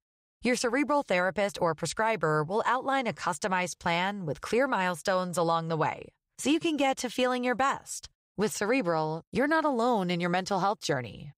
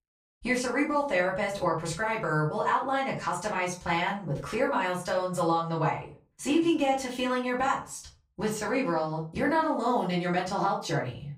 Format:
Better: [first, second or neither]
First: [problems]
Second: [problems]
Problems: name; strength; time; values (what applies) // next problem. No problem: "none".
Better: first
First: none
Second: off-mic speech; far // room echo; slight; dies away in 0.3 s